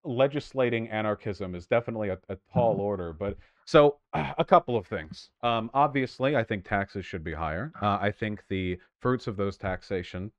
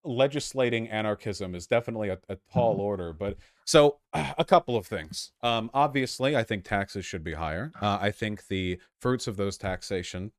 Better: second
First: muffled; slightly; fading above 2.5 kHz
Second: none

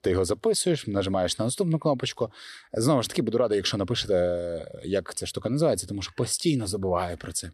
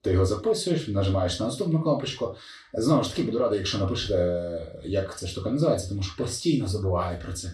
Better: first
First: none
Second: room echo; slight; dies away in 0.2 s // off-mic speech; far

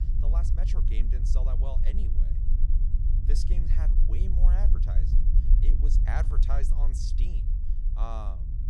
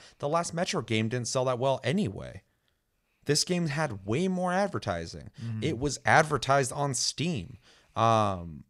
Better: second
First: low rumble; loud; throughout; 4 dB below the speech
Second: none

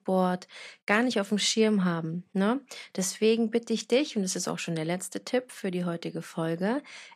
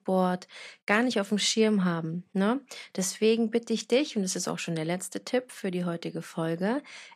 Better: neither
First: none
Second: none

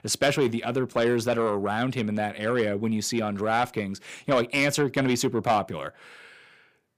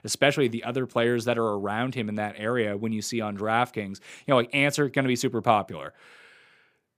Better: second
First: distortion; slight; 10 dB below the speech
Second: none

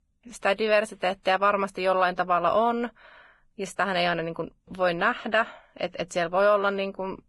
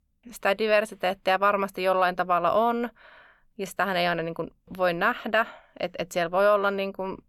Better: second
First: garbled, watery; badly; nothing above 11.5 kHz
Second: none

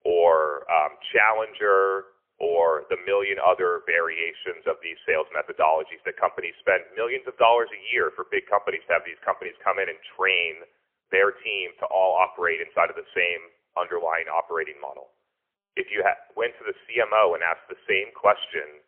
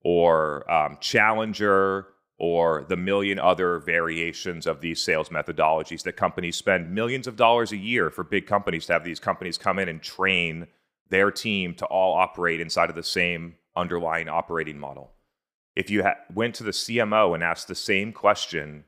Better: second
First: phone-call audio; poor line; nothing above 3 kHz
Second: none

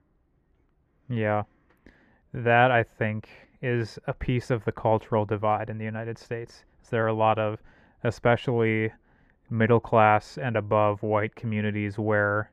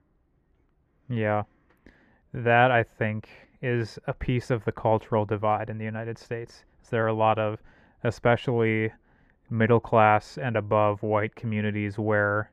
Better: neither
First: muffled; very; fading above 3 kHz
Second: muffled; very; fading above 3 kHz

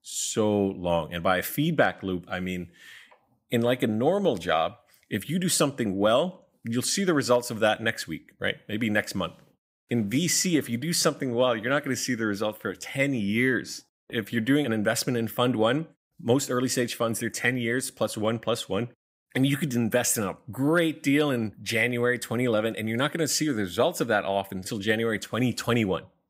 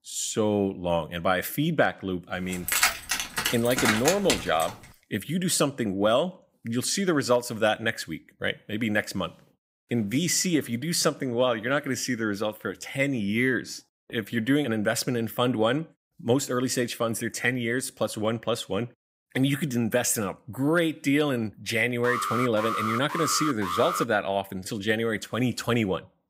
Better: first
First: none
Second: jangling keys; loud; from 2.5 to 4.5 s; peak 4 dB above the speech // alarm; noticeable; from 22 to 24 s; peak 2 dB below the speech

